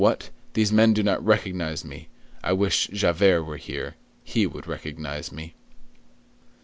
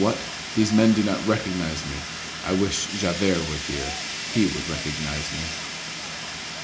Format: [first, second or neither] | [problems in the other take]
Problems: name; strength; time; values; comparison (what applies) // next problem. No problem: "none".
first | background sound (Fire); 6 dB below the speech // room echo; dies away in 0.4 s